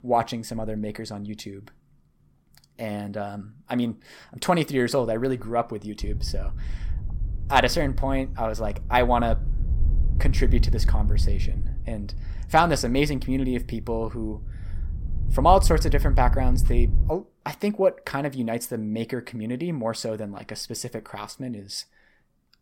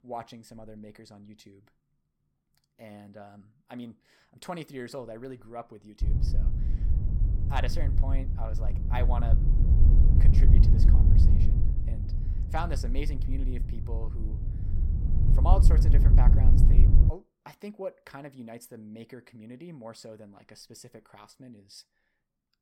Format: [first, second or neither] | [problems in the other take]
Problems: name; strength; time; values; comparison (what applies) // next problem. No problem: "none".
first | low rumble; loud; from 6 to 17 s; 2 dB below the speech; faint in the first